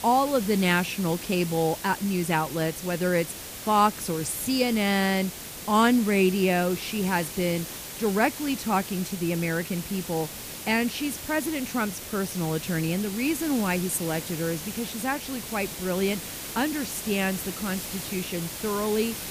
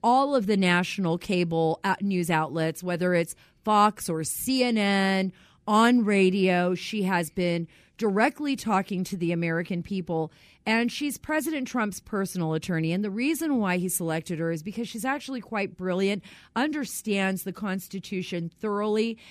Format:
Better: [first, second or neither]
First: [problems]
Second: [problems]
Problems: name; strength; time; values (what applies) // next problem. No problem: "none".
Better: second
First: hiss; loud; throughout; 9 dB below the speech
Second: none